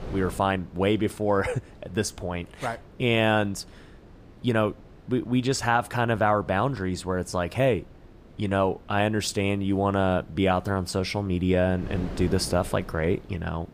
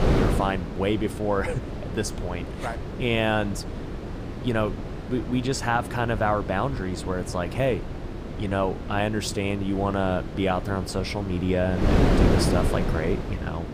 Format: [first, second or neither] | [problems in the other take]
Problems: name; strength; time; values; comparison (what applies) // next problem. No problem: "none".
first | wind noise on the microphone; heavy; 6 dB below the speech; occasional gusts in the first